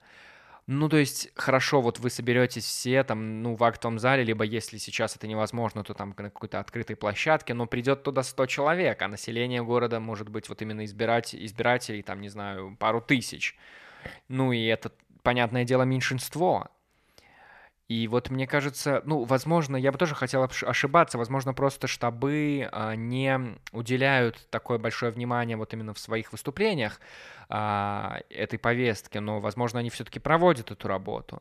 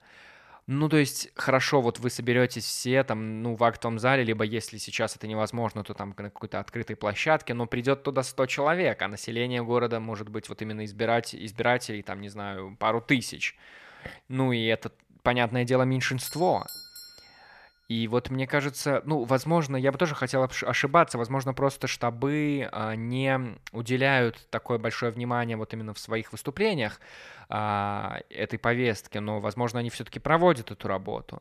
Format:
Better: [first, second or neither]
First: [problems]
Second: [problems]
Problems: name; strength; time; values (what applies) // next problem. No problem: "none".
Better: first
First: none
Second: doorbell; faint; from 16 to 17 s; peak 10 dB below the speech